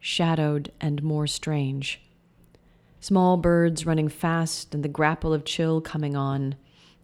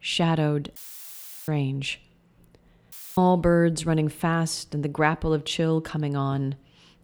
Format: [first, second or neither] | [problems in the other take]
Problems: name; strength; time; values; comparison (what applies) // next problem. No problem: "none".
first | audio cutting out; filled with static; at 1 s for 0.5 s and at 3 s